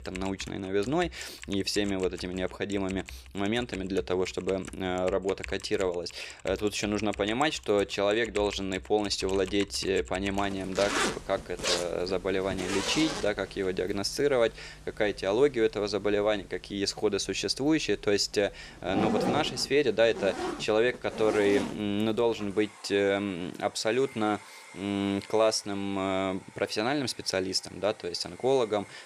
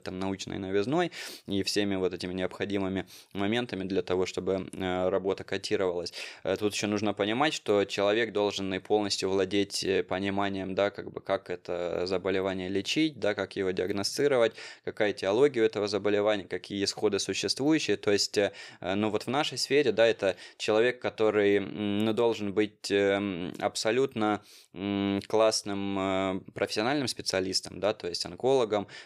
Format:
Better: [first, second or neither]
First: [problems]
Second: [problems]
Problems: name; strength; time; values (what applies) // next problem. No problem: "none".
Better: second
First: household noises; loud; throughout; 9 dB below the speech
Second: none